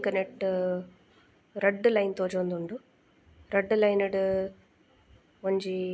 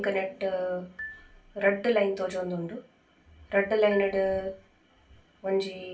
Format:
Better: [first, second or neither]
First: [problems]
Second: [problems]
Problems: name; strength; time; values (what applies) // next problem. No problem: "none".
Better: first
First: none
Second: background sound (Marimba, xylophone); 19 dB below the speech // room echo; dies away in 0.3 s